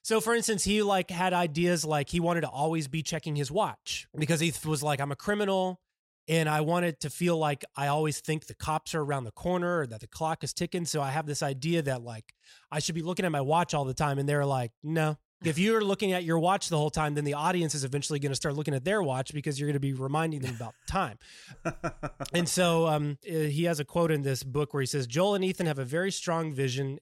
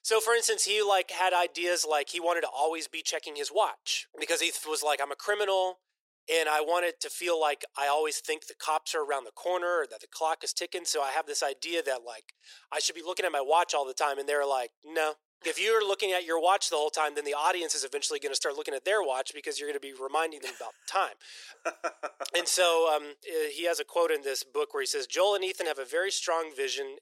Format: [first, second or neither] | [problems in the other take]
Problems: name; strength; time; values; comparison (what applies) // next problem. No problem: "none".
first | thin; very; fading below 400 Hz